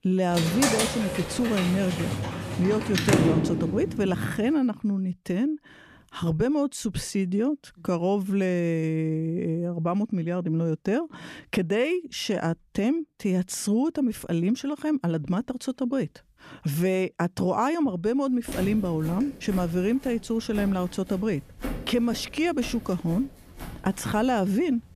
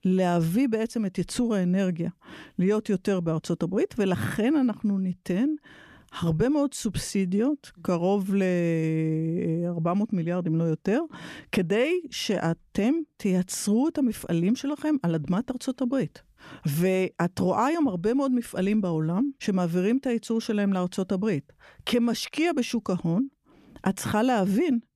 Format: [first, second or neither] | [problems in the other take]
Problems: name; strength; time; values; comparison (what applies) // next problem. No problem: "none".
second | door banging; loud; until 4 s; peak 5 dB above the speech // footsteps; noticeable; from 18 s on; peak 7 dB below the speech